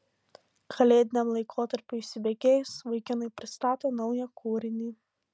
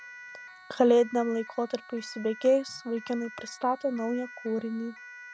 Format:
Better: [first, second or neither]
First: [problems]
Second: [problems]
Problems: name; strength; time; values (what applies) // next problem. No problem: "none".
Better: first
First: none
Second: background sound (Siren); 18 dB below the speech